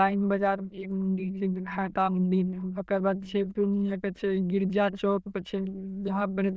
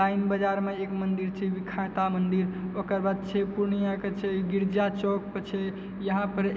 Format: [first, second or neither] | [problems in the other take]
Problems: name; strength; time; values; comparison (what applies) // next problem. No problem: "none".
second | noise reduction (neural diffusion model UNIVERSE++)